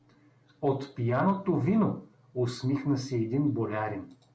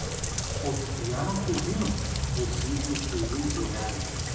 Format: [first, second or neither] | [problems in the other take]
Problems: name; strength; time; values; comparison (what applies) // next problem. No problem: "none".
first | background sound (Rain); 2 dB above the speech // room echo; dies away in 0.8 s